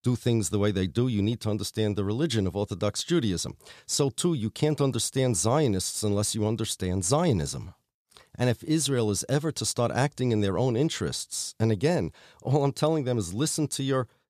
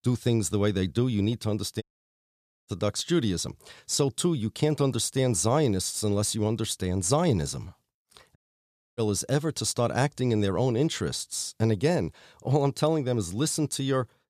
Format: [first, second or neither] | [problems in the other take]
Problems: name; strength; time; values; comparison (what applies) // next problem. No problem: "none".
first | audio cutting out; at 2 s for 1 s and at 8.5 s for 0.5 s